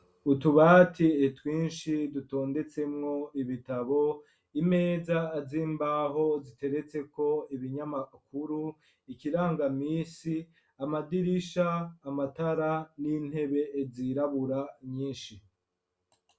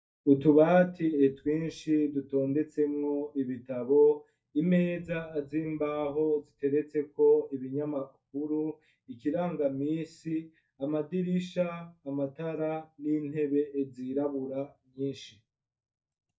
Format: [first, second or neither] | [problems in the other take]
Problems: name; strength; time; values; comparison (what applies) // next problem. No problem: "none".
first | noise reduction (neural mask model DeepFilterNet 3)